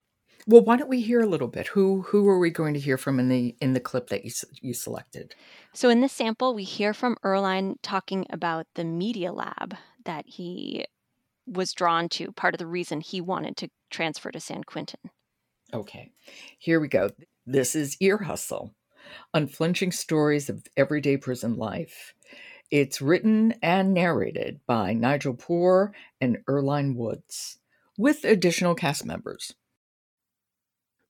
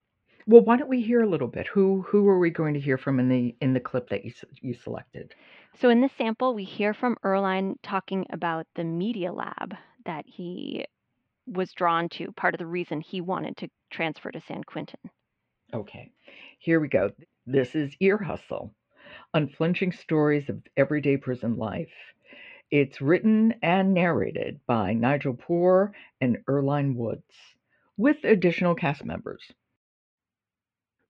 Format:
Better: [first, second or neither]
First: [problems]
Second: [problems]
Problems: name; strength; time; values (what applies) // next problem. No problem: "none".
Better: first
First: none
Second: muffled; very; fading above 3 kHz